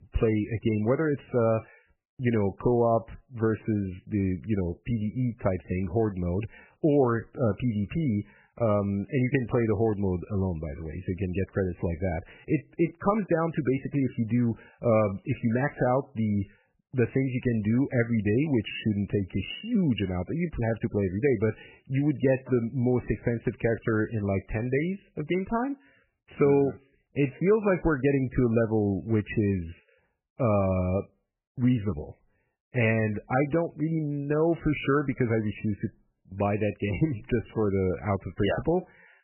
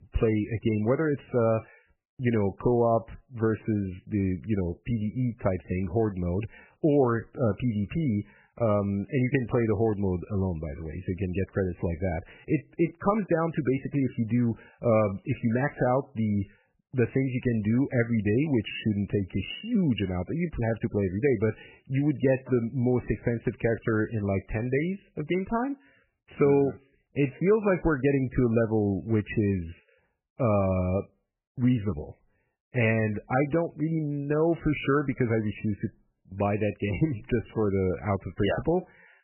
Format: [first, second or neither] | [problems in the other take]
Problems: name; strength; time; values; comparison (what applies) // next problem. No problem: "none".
neither | garbled, watery; badly; nothing above 3 kHz; the same in both